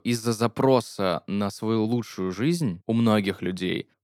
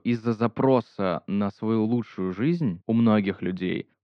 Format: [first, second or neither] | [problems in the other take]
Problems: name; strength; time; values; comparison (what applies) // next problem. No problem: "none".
first | muffled; slightly; fading above 3 kHz